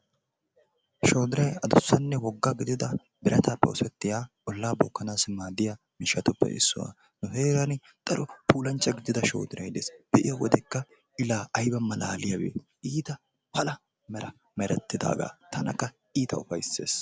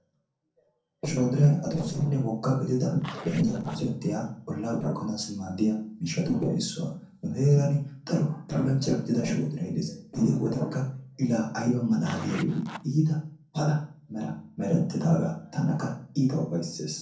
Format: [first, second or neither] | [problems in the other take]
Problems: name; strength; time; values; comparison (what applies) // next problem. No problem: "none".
first | noise reduction (neural separator model SepFormer DNS4)